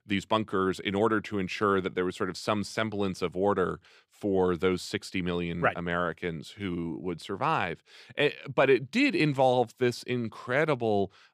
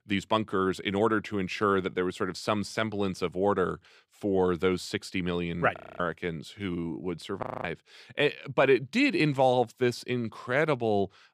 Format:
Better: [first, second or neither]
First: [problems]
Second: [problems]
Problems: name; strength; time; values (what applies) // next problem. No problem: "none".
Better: first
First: none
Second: audio freezing; at 6 s and at 7.5 s